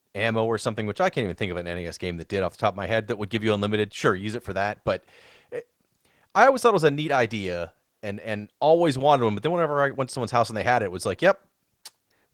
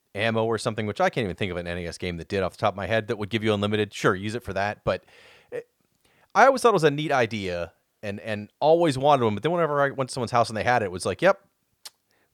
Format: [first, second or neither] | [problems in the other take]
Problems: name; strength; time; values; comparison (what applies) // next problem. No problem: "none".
second | garbled, watery; slightly; nothing above 19.5 kHz